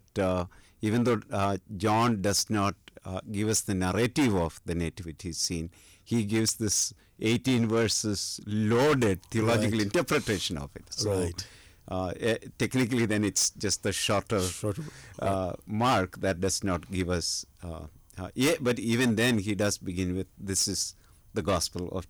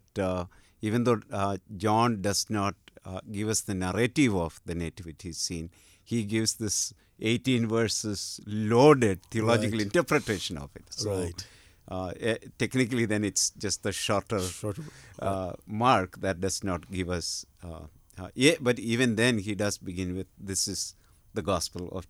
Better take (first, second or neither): second